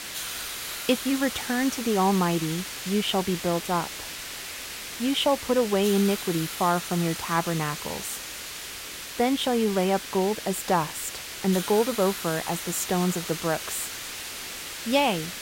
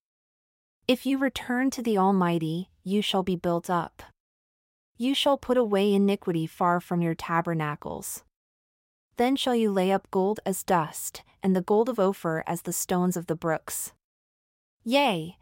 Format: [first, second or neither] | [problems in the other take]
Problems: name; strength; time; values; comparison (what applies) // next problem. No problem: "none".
second | hiss; loud; throughout; 7 dB below the speech